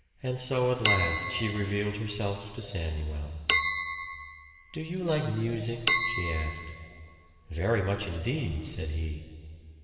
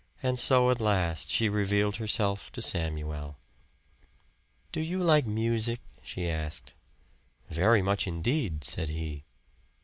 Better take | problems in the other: second | background sound (Chink, clink); 2 dB below the speech // room echo; dies away in 2.5 s

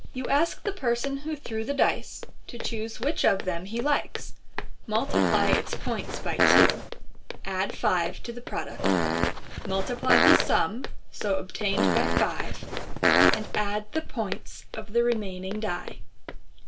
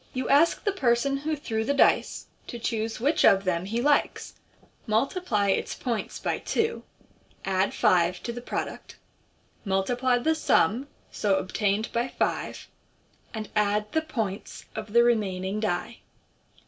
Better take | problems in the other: second | background sound (Fart + Walk, footsteps); 3 dB above the speech

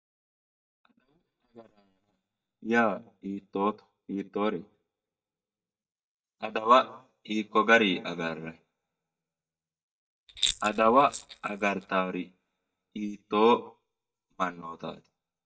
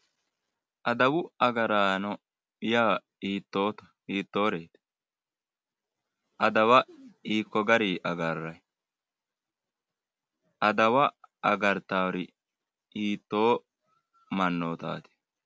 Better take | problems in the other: second | noise reduction (neural mask model DeepFilterNet 3)

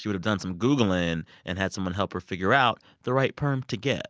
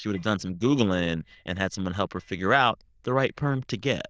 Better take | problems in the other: first | noise reduction (neural diffusion model UNIVERSE++)

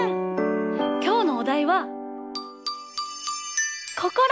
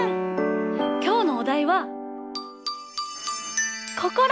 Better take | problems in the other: first | background sound (Bowed string instrument); 20 dB below the speech

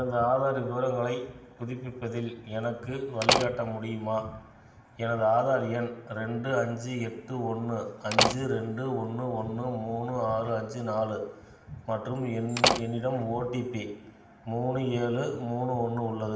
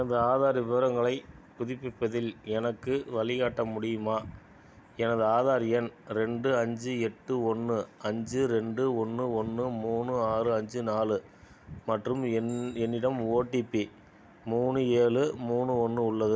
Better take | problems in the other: second | background sound (Slam); 1 dB above the speech // room echo; dies away in 1 s

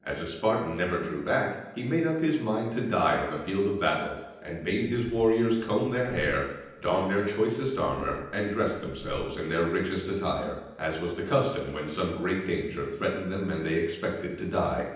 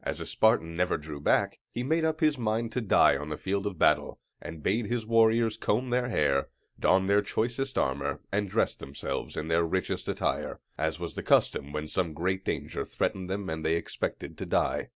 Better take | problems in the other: second | background sound (Zipper (clothing)); 19 dB below the speech // room echo; dies away in 0.9 s

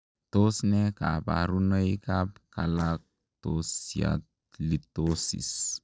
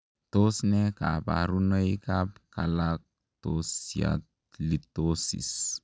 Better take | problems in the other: second | noise reduction (neural separator model SepFormer DNS4)

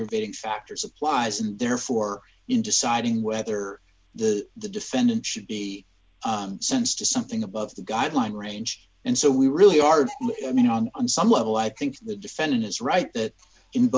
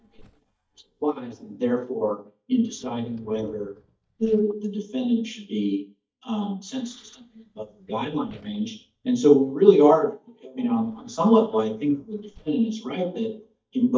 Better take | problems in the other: first | noise reduction (neural mask model DeepFilterNet 3)

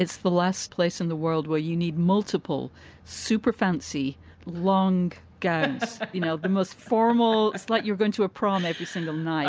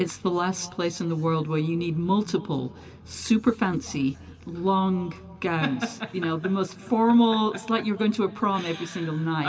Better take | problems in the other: first | room echo; dies away in 2.7 s

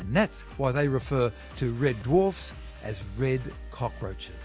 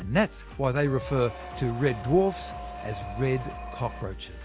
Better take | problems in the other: first | background sound (Squeak); 12 dB below the speech

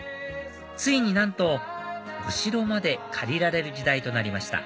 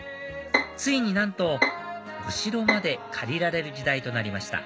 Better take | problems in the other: first | background sound (Bowed string instrument); 3 dB below the speech

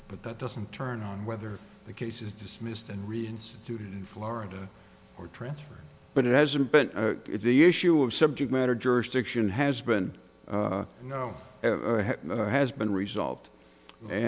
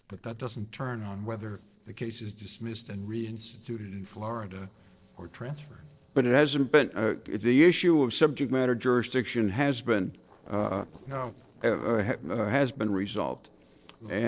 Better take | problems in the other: first | noise reduction (neural separator model SepFormer DNS4)

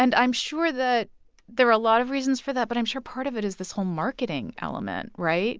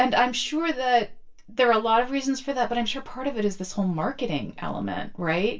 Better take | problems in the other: first | room echo; dies away in 0.2 s

